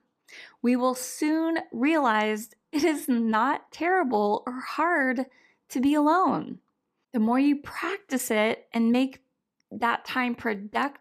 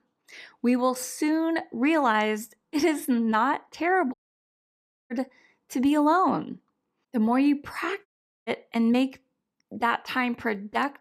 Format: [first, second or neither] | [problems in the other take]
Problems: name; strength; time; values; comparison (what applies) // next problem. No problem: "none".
first | audio cutting out; at 4 s for 1 s and at 8 s